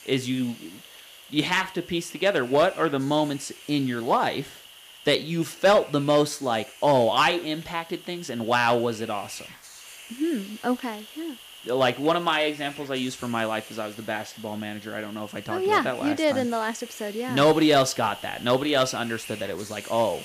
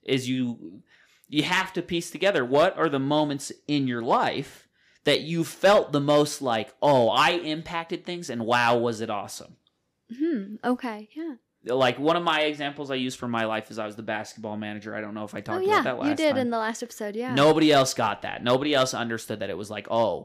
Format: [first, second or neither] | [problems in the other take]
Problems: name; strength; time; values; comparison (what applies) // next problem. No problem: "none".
second | hiss; noticeable; throughout; 20 dB below the speech